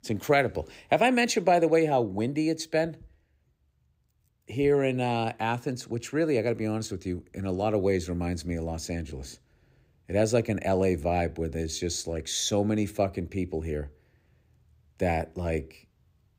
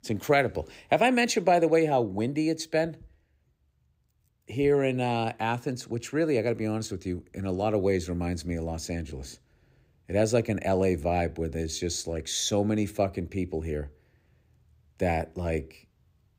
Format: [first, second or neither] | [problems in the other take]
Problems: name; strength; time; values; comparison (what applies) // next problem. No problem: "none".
neither | none